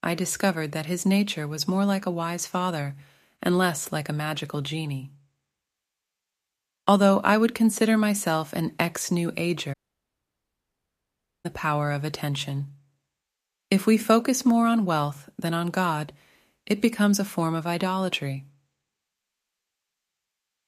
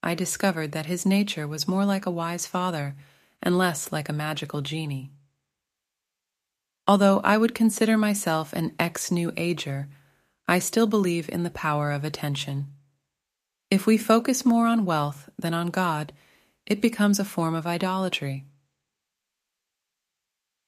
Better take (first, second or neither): second